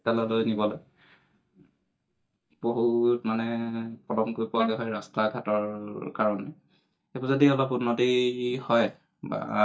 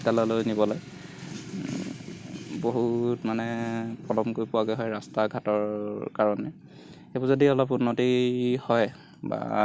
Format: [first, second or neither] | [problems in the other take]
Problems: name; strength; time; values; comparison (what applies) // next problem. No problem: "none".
second | noise reduction (neural mask model DeepFilterNet 3)